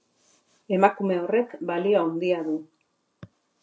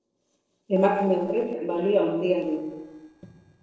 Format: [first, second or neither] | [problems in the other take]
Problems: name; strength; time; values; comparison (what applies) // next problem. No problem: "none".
first | noise reduction (neural separator model SepFormer DNS4)